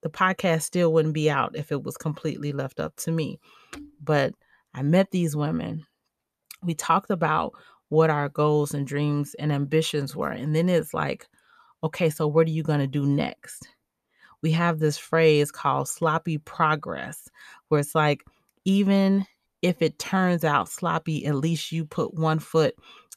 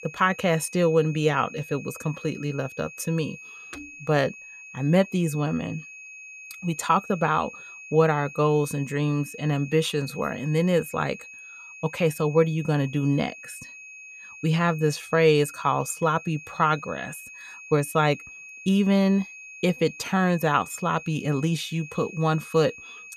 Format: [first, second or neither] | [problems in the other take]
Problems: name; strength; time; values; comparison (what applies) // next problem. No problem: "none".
first | high-pitched whine; noticeable; throughout; 2.5 kHz, 15 dB below the speech